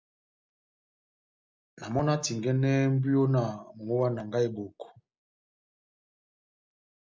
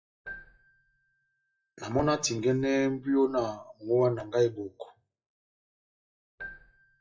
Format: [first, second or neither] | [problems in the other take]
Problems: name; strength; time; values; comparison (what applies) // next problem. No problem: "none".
first | noise reduction (classical method WPE with log-MMSE)